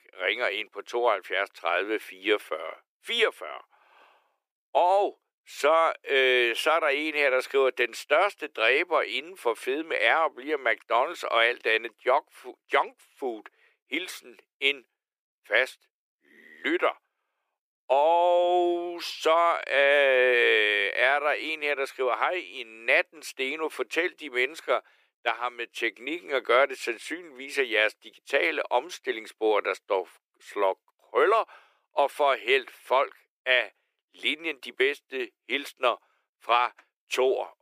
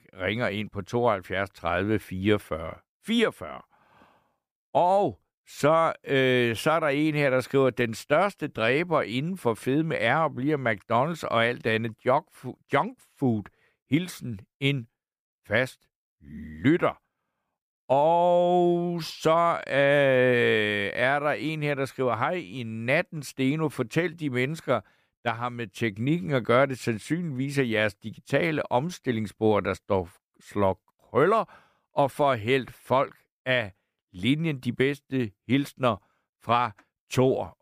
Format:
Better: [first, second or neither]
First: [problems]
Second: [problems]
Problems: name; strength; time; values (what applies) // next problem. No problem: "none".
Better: second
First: thin; very; fading below 350 Hz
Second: none